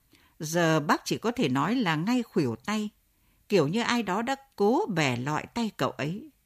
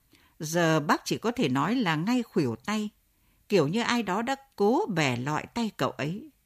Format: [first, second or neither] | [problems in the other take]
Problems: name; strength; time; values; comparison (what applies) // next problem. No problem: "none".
neither | none